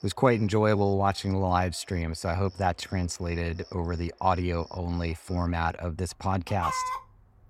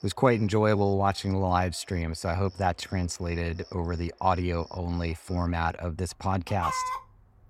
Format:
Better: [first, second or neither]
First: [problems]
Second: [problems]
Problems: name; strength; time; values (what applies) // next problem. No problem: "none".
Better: neither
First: animal sounds; noticeable; throughout; 10 dB below the speech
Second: animal sounds; noticeable; throughout; 10 dB below the speech